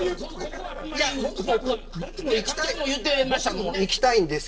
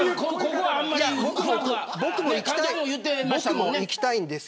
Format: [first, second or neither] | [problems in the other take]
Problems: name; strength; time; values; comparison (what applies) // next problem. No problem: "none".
second | noise reduction (neural separator model SepFormer DNS4)